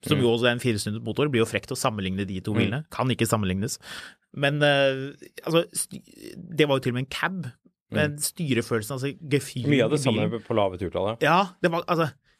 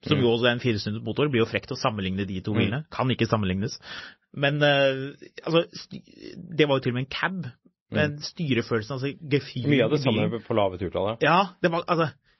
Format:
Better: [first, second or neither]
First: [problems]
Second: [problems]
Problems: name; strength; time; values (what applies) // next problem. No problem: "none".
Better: first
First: none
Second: garbled, watery; slightly; nothing above 6 kHz